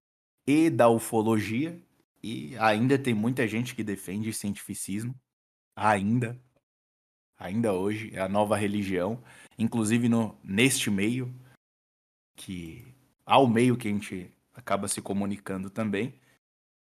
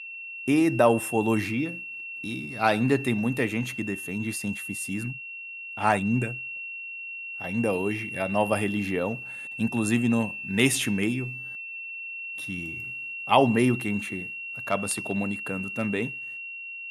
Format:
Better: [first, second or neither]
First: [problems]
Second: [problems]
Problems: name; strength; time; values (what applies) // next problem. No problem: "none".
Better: first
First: none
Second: high-pitched whine; loud; throughout; 2.5 kHz, 8 dB below the speech